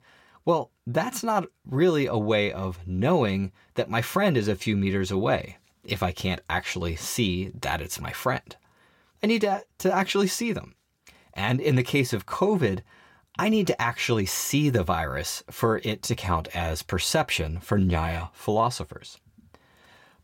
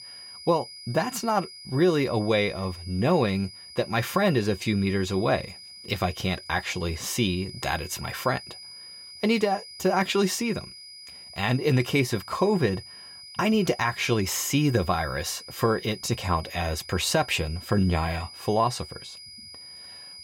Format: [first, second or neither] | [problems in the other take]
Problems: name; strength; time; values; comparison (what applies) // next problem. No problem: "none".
first | high-pitched whine; noticeable; throughout; 5 kHz, 15 dB below the speech